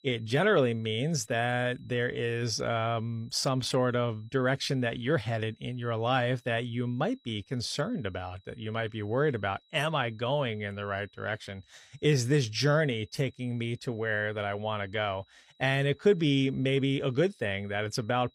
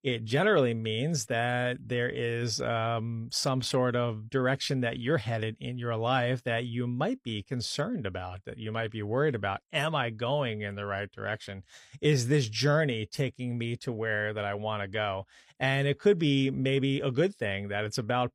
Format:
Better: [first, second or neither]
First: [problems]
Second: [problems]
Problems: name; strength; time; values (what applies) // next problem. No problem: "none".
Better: second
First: high-pitched whine; faint; throughout; 4 kHz, 35 dB below the speech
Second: none